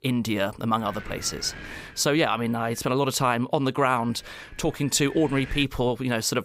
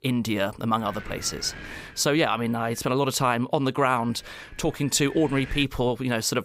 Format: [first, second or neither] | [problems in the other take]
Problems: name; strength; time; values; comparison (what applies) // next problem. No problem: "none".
neither | wind noise on the microphone; occasional gusts; from 0.5 to 3 s and from 4 to 5.5 s; 15 dB below the speech; the same in both